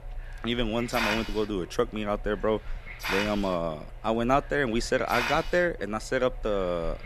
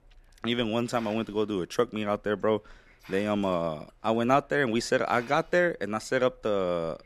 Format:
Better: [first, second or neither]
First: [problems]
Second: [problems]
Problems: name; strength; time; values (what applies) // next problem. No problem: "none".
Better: second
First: hiss; loud; throughout; 7 dB below the speech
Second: hiss; faint; throughout; 25 dB below the speech